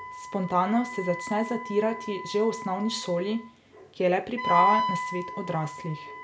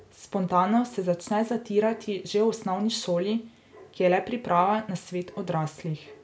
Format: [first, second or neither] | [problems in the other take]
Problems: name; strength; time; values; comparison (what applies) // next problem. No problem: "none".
second | background sound (Wind instrument, woodwind instrument); 4 dB below the speech